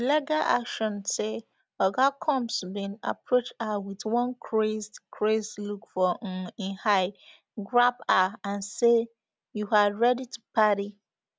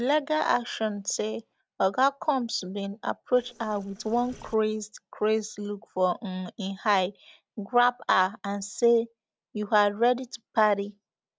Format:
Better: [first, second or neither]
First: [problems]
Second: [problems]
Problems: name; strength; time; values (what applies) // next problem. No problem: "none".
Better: first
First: none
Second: noise reduction (neural separator model SepFormer DNS4)